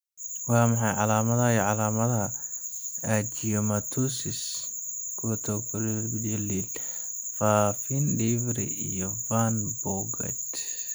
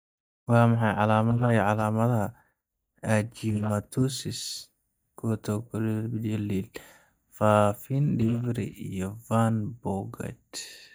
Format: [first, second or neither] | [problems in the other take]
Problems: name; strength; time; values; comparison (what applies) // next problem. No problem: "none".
first | noise reduction (neural mask model DeepFilterNet 3)